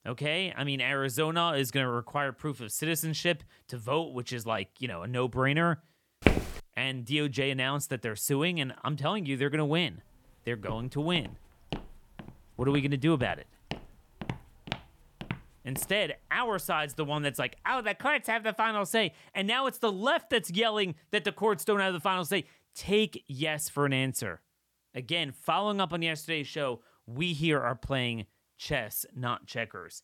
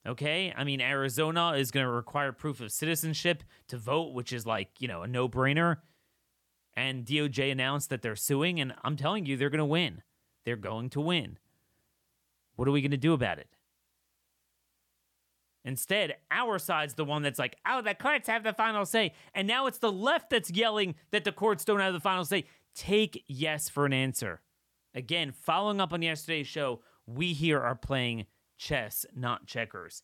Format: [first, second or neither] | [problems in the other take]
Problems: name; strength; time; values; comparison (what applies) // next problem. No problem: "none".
second | footsteps; loud; at 6.5 s; peak 3 dB above the speech // footsteps; noticeable; from 11 to 16 s; peak 10 dB below the speech